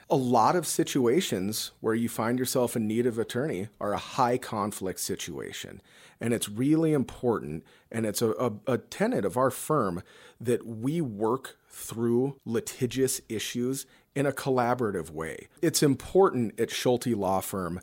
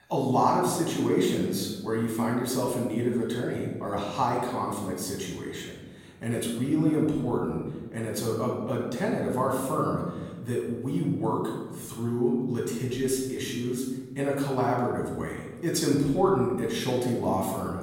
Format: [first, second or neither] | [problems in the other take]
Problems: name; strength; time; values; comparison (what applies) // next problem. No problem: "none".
first | room echo; noticeable; dies away in 1.4 s // off-mic speech; far